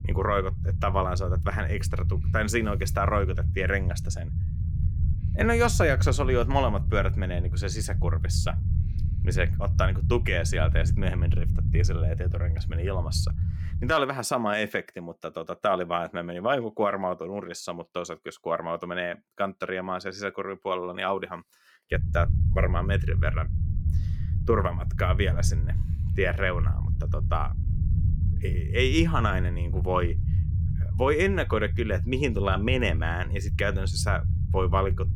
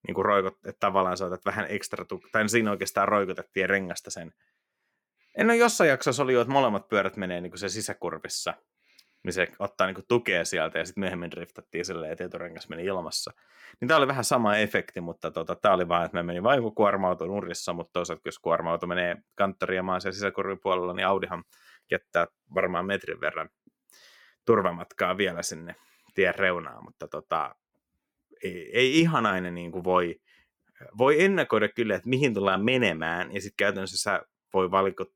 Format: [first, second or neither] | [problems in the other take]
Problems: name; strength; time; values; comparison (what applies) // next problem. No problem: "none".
second | low rumble; noticeable; until 14 s and from 22 s on; 15 dB below the speech